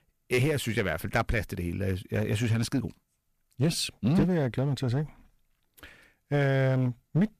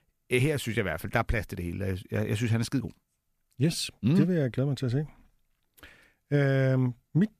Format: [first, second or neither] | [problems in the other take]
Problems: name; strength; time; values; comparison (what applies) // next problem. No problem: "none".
second | distortion; slight; 6% of the sound clipped